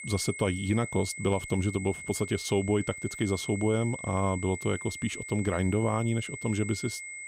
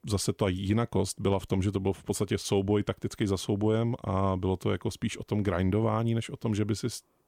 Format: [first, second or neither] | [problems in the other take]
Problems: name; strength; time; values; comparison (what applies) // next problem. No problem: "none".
second | high-pitched whine; loud; throughout; 2 kHz, 9 dB below the speech